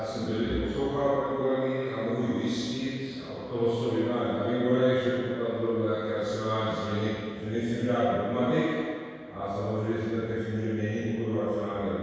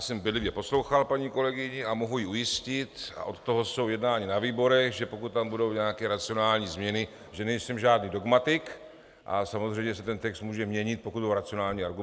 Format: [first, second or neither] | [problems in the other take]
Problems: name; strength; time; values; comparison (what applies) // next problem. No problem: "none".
second | room echo; dies away in 1.9 s